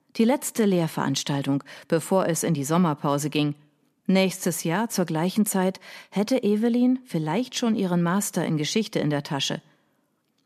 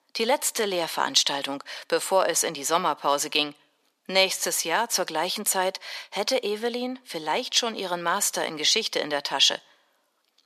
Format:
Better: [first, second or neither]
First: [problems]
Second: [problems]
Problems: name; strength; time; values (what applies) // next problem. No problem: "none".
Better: first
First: none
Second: thin; very; fading below 650 Hz